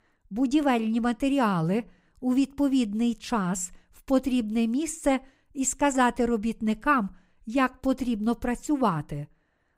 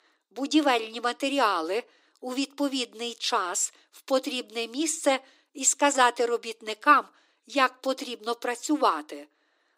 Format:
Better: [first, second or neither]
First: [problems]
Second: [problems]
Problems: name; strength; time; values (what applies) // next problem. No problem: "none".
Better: first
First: none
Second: thin; somewhat; fading below 300 Hz